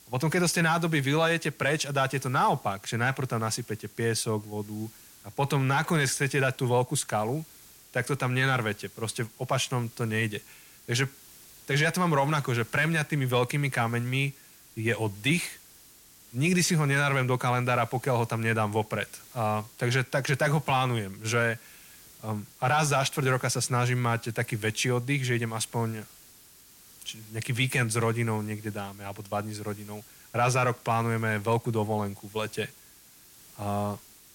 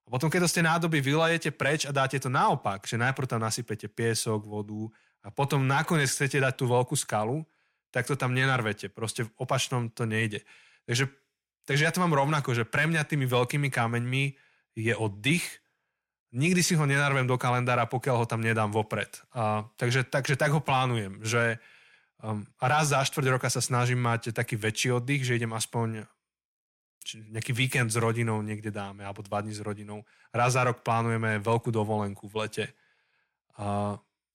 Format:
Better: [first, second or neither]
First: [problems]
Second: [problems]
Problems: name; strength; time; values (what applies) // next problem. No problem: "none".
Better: second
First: hiss; faint; throughout; 20 dB below the speech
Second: none